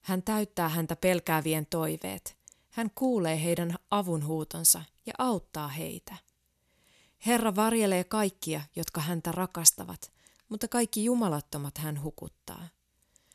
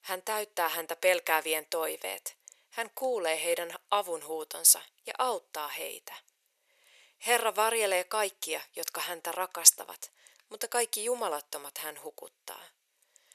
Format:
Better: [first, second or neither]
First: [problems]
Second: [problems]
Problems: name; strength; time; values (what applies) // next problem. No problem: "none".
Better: first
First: none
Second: thin; very; fading below 500 Hz